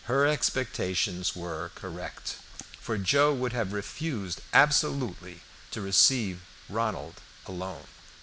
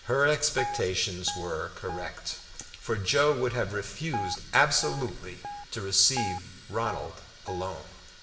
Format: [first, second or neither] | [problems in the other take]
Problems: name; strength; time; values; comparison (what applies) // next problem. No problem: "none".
first | background sound (Guitar); 9 dB below the speech // room echo; dies away in 0.9 s